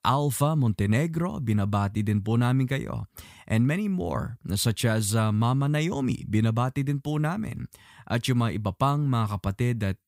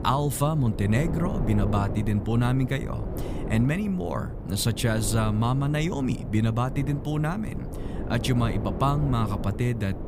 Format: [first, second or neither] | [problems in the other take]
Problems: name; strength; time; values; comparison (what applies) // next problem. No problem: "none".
first | wind noise on the microphone; heavy; 9 dB below the speech